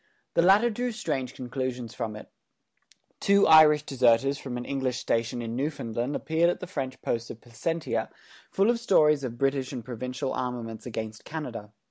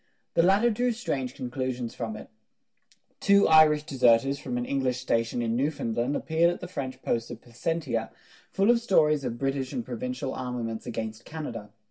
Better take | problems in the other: first | room echo; dies away in 0.2 s

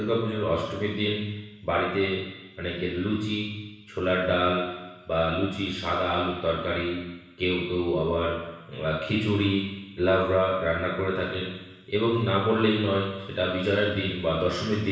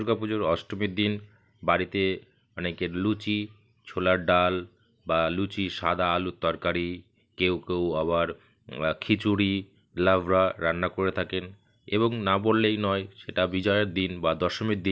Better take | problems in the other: second | room echo; dies away in 1.1 s

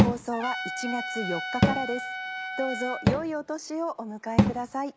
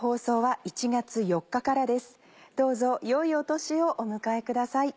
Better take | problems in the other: second | background sound (Cupboard open or close / Drawer open or close + Trumpet); 4 dB above the speech

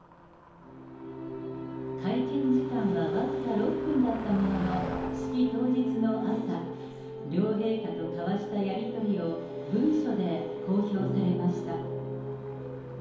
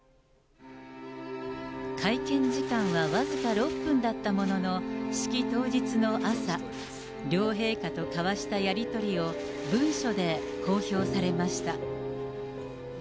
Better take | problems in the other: second | background sound (Motor vehicle (road)); 16 dB below the speech // room echo; dies away in 2.2 s

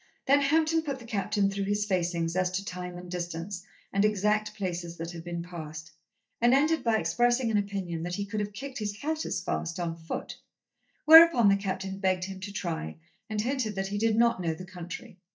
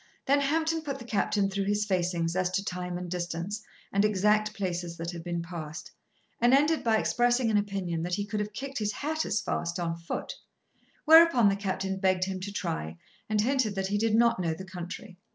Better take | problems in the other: second | noise reduction (neural mask model DeepFilterNet 3)

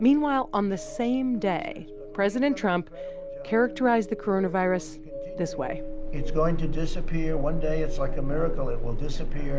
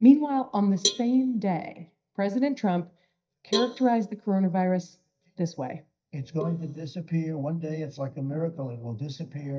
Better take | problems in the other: first | noise reduction (neural mask model DeepFilterNet 3)

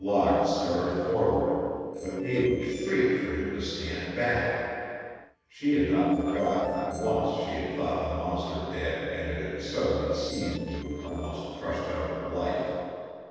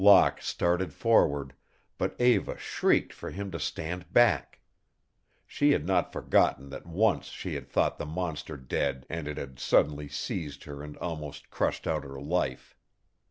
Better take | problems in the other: second | noise reduction (neural separator model SepFormer DNS4)

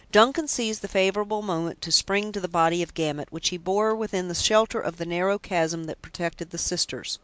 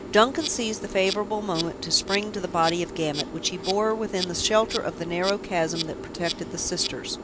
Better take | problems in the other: first | background sound (Insect); 8 dB below the speech

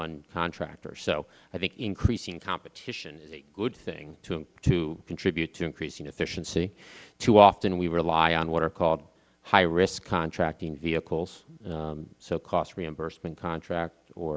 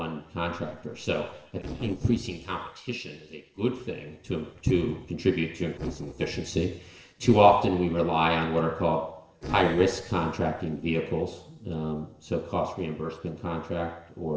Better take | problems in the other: first | noise reduction (neural separator model SepFormer DNS4)

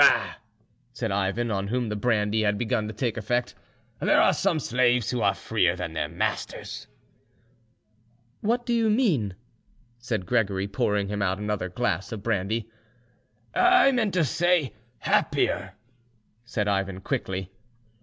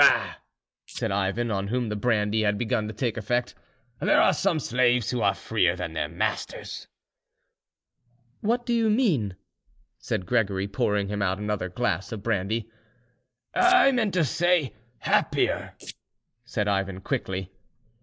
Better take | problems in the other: first | noise reduction (neural mask model Resemble Enhance denoiser)

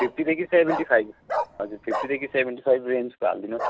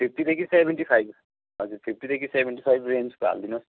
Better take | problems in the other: second | background sound (Bark); 8 dB below the speech

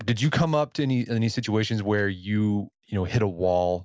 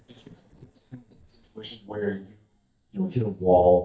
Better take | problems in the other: first | noise reduction (neural mask model DeepFilterNet 3)

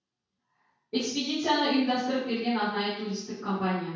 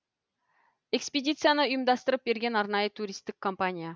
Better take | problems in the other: second | room echo; dies away in 0.6 s

